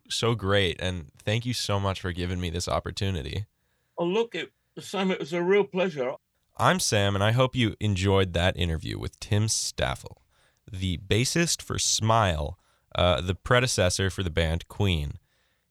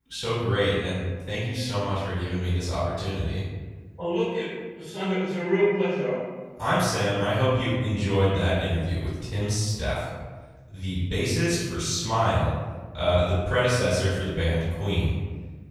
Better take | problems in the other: first | off-mic speech; far // room echo; strong; dies away in 1.4 s

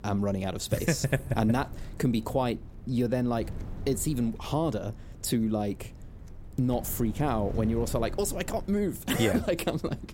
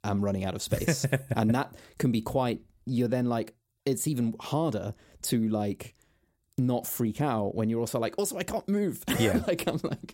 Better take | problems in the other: second | wind noise on the microphone; occasional gusts; 20 dB below the speech

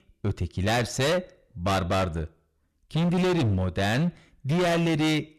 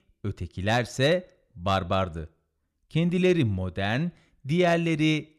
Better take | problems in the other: second | distortion; heavy; 23% of the sound clipped

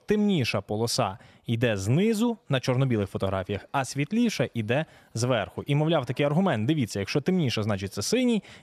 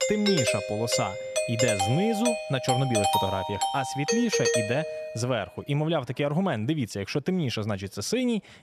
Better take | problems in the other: first | doorbell; loud; until 5 s; peak 4 dB above the speech

